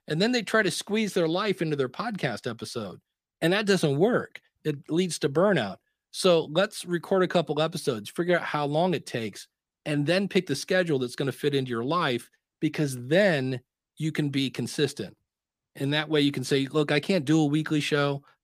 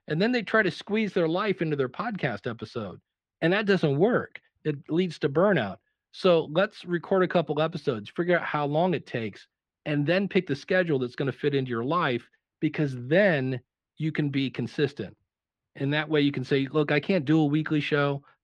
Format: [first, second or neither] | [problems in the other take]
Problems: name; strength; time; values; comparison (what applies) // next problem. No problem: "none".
first | muffled; slightly; fading above 2.5 kHz